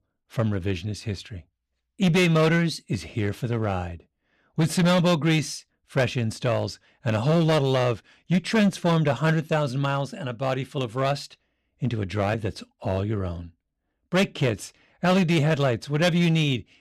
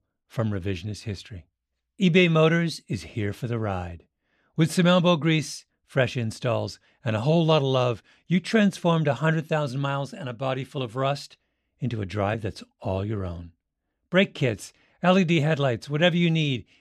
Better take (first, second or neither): second